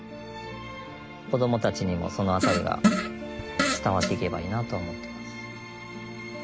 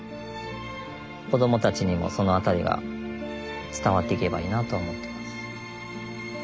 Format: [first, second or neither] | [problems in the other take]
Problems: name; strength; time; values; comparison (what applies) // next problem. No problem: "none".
second | background sound (Fart); 1 dB above the speech